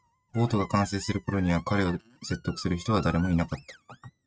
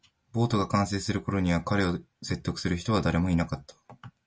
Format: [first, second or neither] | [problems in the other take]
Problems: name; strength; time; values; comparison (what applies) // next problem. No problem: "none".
second | noise reduction (neural mask model RNNoise)